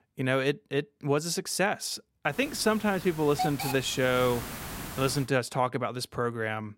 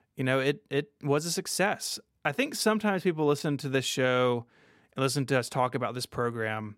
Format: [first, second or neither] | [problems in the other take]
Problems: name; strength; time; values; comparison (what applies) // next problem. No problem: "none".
second | hiss; loud; from 2.5 to 5 s; 9 dB below the speech